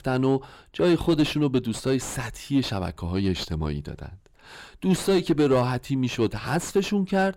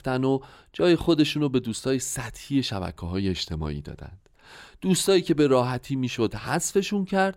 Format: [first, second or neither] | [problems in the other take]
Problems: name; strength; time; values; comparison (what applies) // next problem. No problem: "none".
second | distortion; slight; 9 dB below the speech